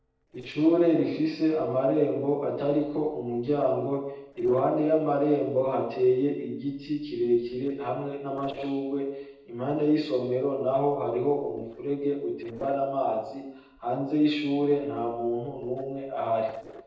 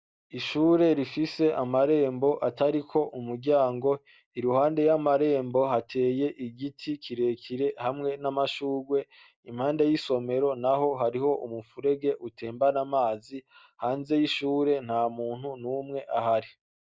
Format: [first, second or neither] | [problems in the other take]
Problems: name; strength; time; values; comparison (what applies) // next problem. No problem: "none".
second | noise reduction (neural separator model SepFormer DNS4)